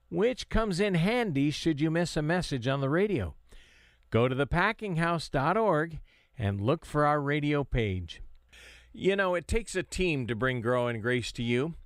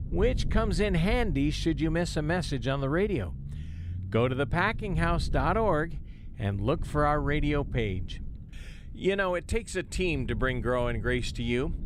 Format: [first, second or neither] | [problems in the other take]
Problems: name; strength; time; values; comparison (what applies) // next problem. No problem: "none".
first | low rumble; faint; throughout; 20 dB below the speech